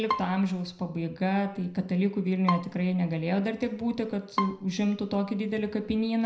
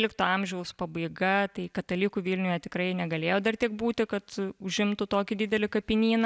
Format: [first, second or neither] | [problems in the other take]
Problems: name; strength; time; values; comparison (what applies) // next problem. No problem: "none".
second | background sound (Bowed string instrument); 10 dB below the speech // room echo; dies away in 0.5 s